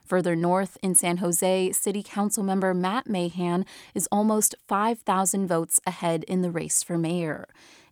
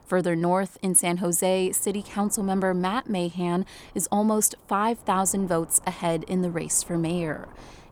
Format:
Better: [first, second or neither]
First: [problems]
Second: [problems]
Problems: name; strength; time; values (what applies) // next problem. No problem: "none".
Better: first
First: none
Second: wind noise on the microphone; occasional gusts; 25 dB below the speech